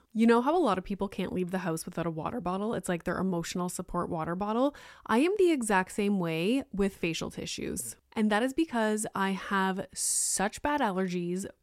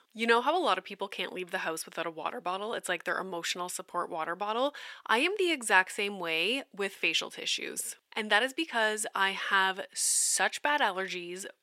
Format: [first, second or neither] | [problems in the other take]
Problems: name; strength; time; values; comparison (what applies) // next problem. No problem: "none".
first | thin; somewhat; fading below 500 Hz